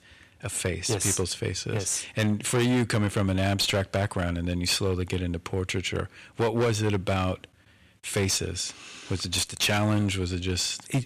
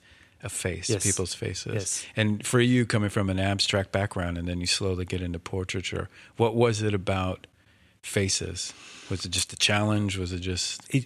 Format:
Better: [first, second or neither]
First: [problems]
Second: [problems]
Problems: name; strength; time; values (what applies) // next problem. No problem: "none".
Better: second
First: distortion; slight; 10% of the sound clipped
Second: none